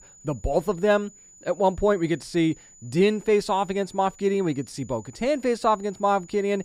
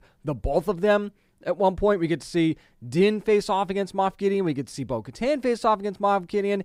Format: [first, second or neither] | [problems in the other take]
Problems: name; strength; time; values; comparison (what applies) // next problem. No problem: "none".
second | high-pitched whine; faint; throughout; 7 kHz, 25 dB below the speech